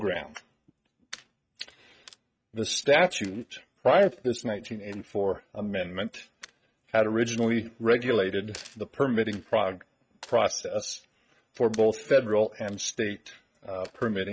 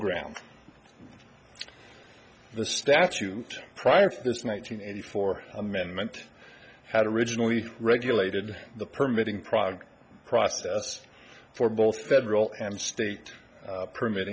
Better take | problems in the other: second | noise reduction (neural mask model RNNoise)

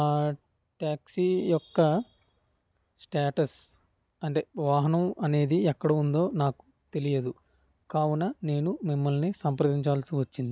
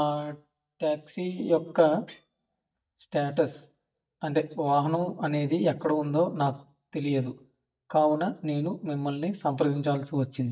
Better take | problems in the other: first | noise reduction (neural mask model DeepFilterNet 3)

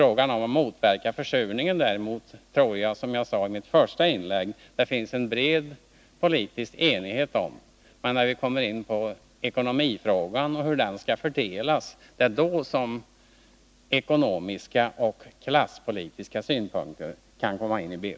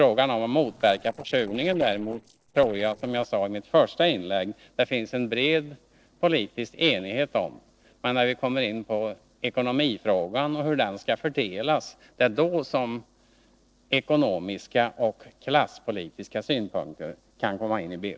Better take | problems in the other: first | noise reduction (neural separator model SepFormer DNS4)

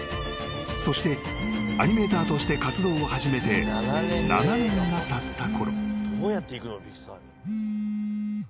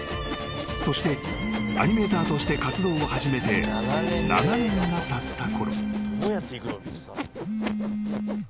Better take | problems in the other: first | background sound (Sawing); 11 dB below the speech

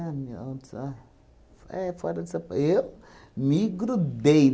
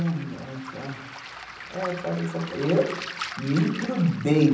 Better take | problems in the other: first | background sound (Waves, surf); 12 dB below the speech // room echo; dies away in 0.6 s

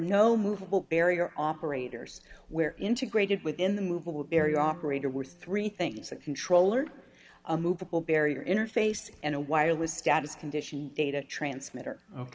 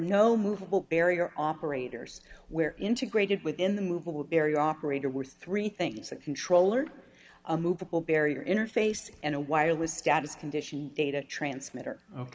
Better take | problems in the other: second | background sound (Bowed string instrument); 16 dB below the speech

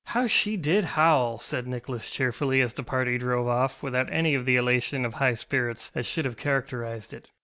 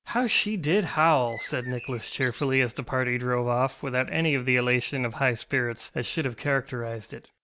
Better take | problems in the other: first | background sound (Bird); 19 dB below the speech

